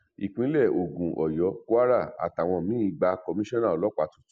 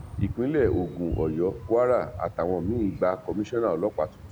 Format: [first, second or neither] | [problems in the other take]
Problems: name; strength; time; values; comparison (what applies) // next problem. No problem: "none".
first | background sound (Dog); 10 dB below the speech